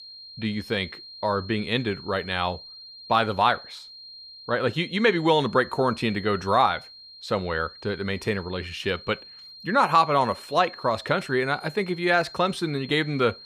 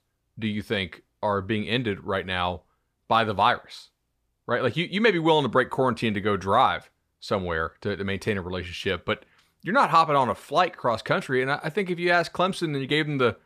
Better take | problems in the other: second | high-pitched whine; noticeable; throughout; 4 kHz, 15 dB below the speech

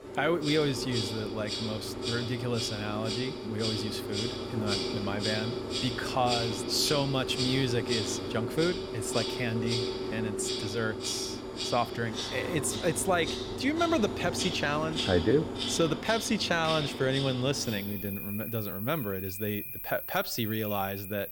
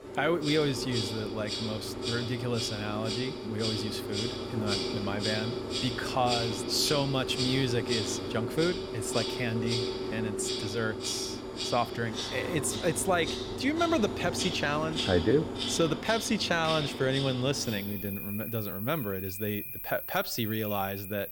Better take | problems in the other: neither | animal sounds; loud; throughout; 3 dB below the speech; the same in both

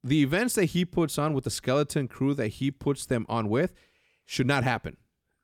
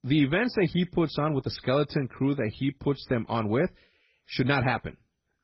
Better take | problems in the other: first | garbled, watery; badly; nothing above 5.5 kHz

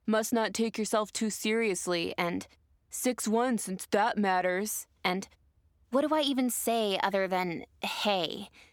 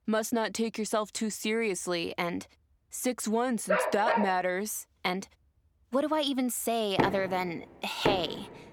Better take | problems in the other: first | dog barking; loud; at 3.5 s; peak 2 dB above the speech // door banging; noticeable; from 7 s on; peak level with the speech

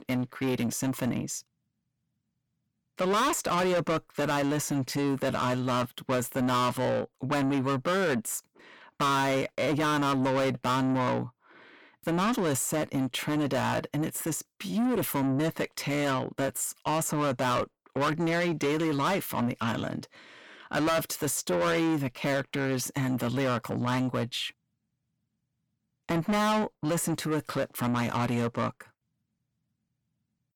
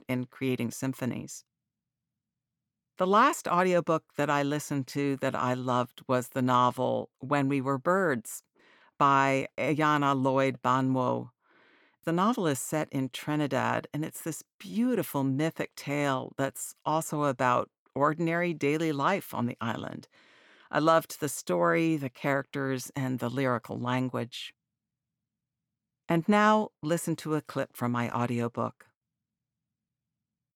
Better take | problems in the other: second | distortion; heavy; 6 dB below the speech

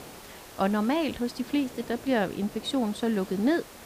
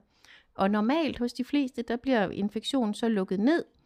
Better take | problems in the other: second | hiss; noticeable; throughout; 15 dB below the speech

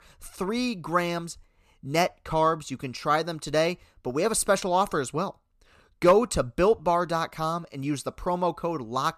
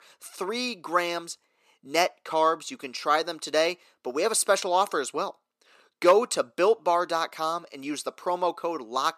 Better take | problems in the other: first | thin; somewhat; fading below 300 Hz

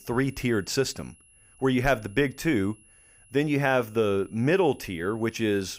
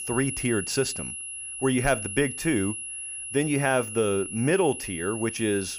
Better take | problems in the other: first | high-pitched whine; loud; throughout; 11 kHz, 7 dB below the speech; faint in the first

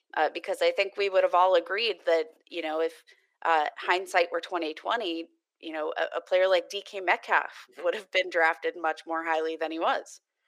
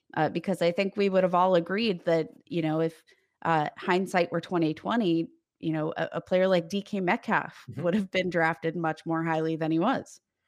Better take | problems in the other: second | thin; very; fading below 400 Hz

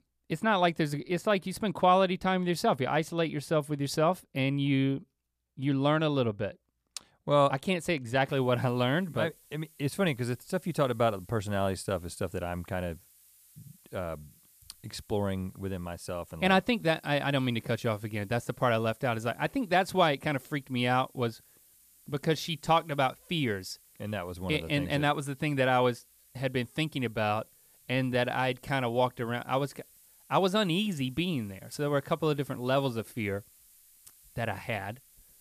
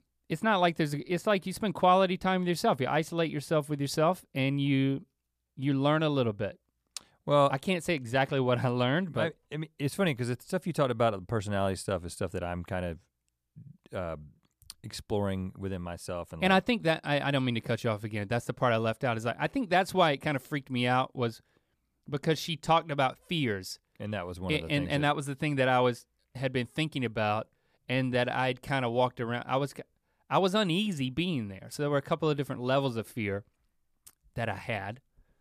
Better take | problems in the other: second | hiss; faint; from 8.5 s on; 25 dB below the speech

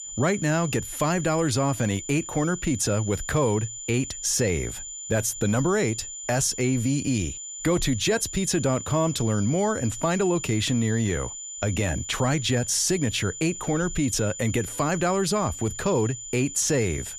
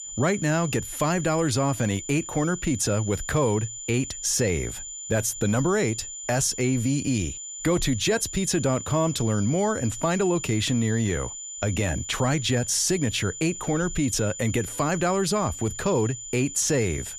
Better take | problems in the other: neither | high-pitched whine; loud; throughout; 7 kHz, 9 dB below the speech; the same in both

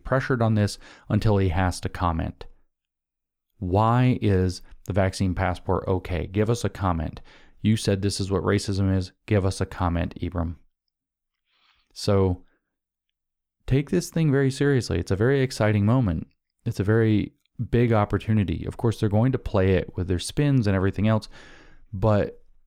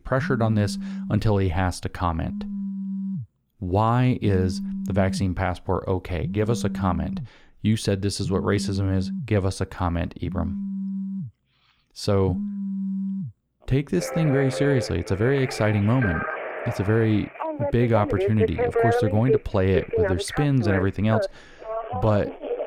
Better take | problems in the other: first | alarms or sirens; loud; throughout; 5 dB below the speech

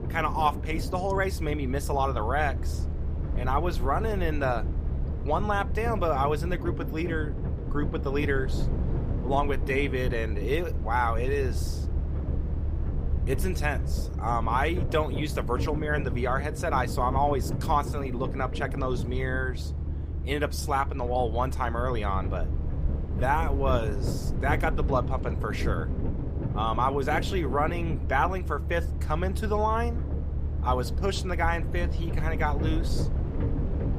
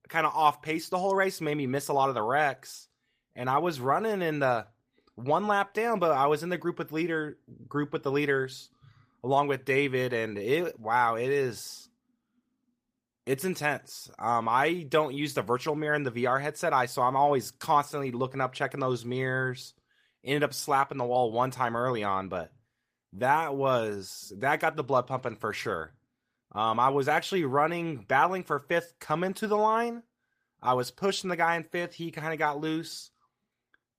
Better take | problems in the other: second | low rumble; noticeable; throughout; 15 dB below the speech

